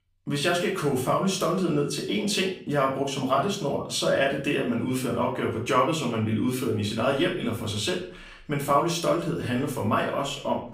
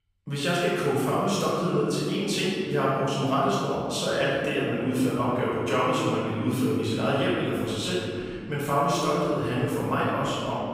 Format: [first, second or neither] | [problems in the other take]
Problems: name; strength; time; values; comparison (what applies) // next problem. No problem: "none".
first | room echo; strong; dies away in 2.3 s; slight in the first // off-mic speech; far; far in the first